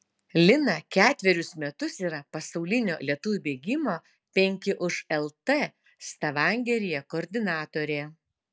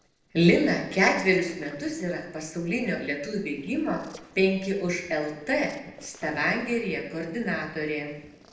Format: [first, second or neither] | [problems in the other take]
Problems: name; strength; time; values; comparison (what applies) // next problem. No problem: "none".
first | noise reduction (neural separator model SepFormer DNS4)